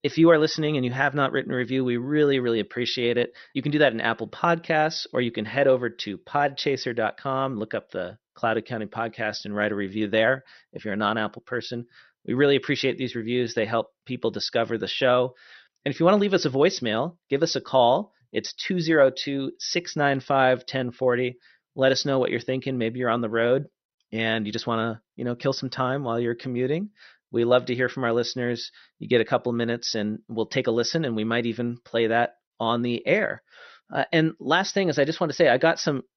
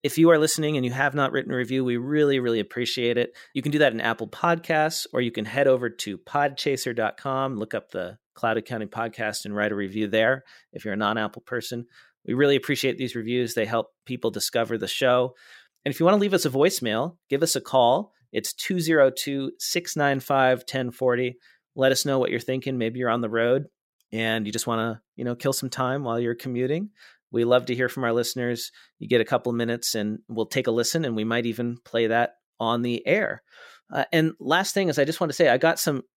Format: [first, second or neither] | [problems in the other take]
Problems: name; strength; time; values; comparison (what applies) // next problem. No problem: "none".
second | garbled, watery; slightly; nothing above 6 kHz